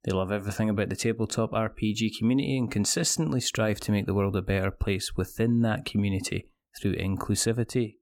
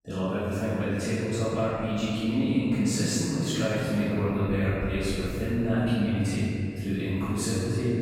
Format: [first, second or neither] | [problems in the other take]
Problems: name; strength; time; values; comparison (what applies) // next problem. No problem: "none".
first | off-mic speech; far // room echo; strong; dies away in 2.9 s